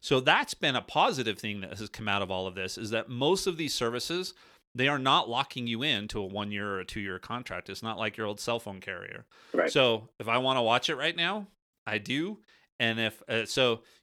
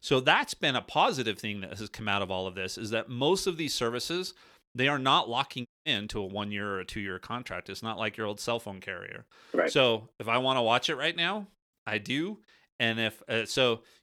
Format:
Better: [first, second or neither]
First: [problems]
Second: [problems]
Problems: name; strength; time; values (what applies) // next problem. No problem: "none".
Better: first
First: none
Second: audio cutting out; at 5.5 s